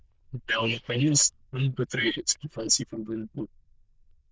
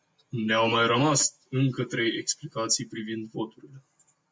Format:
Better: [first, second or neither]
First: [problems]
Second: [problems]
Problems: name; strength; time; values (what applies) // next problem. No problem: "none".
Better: second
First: noise reduction (neural diffusion model UNIVERSE++)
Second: none